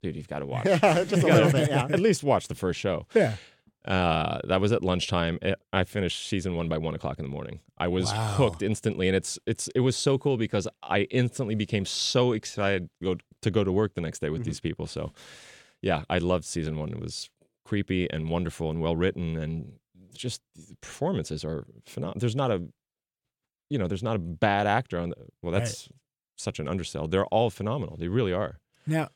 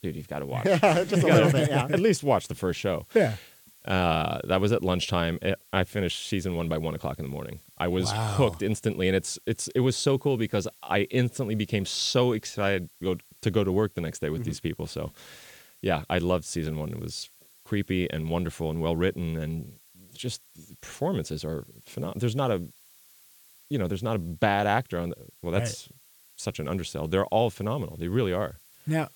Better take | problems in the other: first | hiss; faint; throughout; 25 dB below the speech

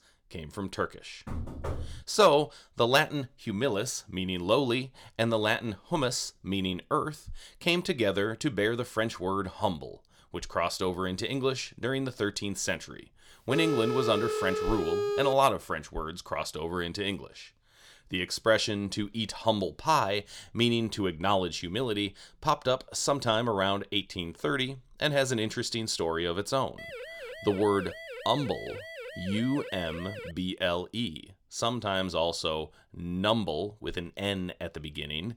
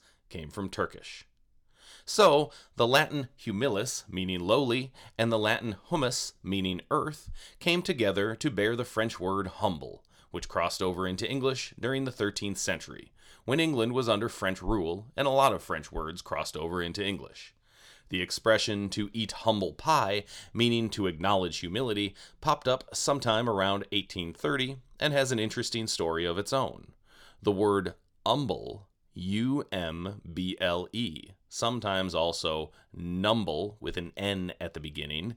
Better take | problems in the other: second | door banging; noticeable; at 1.5 s; peak 8 dB below the speech // phone ringing; loud; from 14 to 15 s; peak level with the speech // siren; faint; from 27 to 30 s; peak 10 dB below the speech

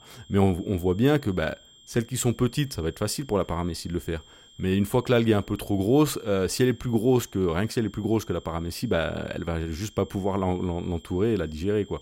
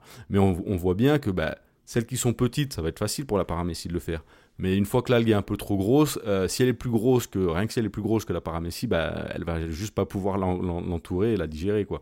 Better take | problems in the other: second | high-pitched whine; faint; throughout; 3 kHz, 25 dB below the speech

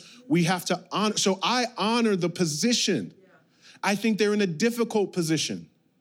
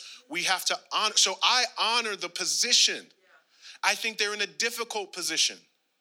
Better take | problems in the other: first | thin; very; fading below 800 Hz

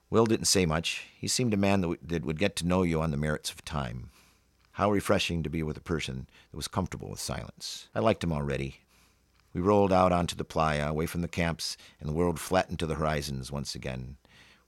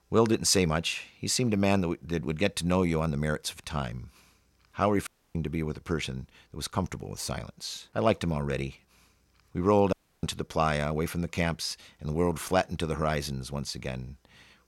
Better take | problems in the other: first | audio cutting out; at 5 s and at 10 s

